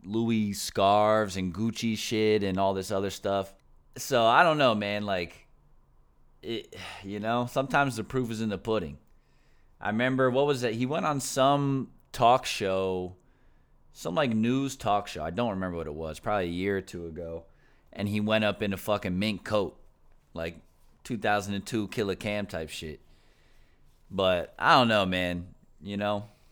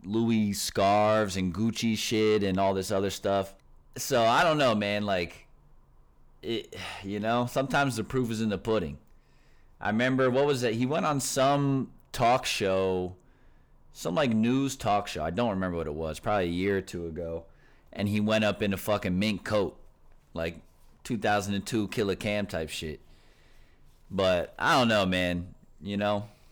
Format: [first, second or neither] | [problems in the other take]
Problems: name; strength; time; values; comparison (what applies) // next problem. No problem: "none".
first | distortion; slight; 10 dB below the speech